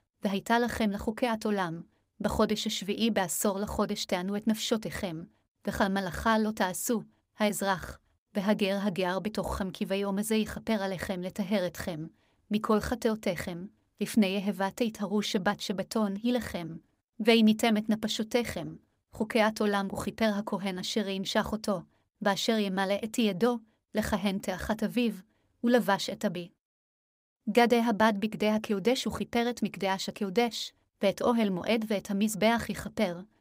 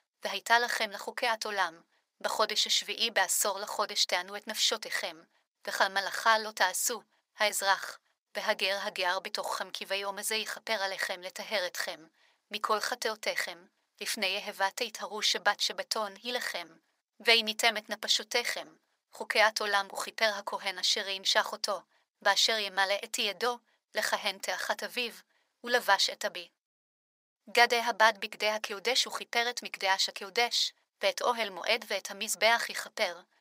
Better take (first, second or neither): first